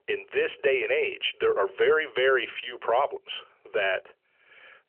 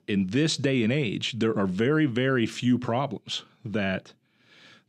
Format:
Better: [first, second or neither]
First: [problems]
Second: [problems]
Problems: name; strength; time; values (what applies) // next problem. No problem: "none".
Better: second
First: phone-call audio; nothing above 3 kHz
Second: none